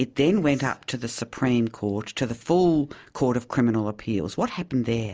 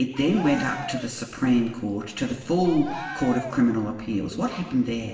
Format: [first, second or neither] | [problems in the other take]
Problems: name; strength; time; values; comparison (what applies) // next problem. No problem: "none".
first | background sound (Cheering); 14 dB below the speech // room echo; dies away in 1 s